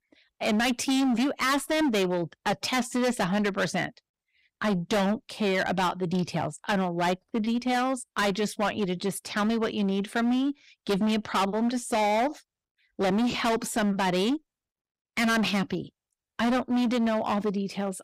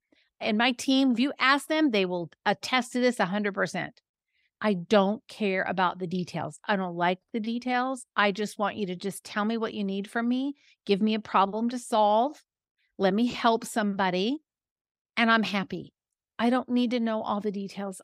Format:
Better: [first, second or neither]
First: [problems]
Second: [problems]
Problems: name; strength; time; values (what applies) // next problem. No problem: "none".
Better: second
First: distortion; heavy; 18% of the sound clipped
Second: none